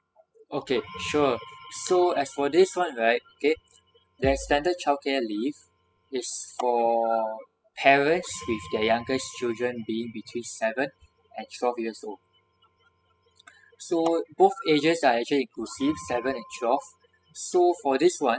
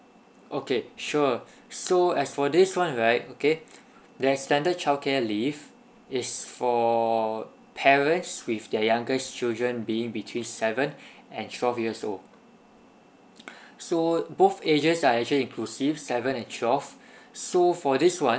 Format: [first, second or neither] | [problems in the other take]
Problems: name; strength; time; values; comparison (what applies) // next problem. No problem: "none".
second | noise reduction (classical method spectral subtraction)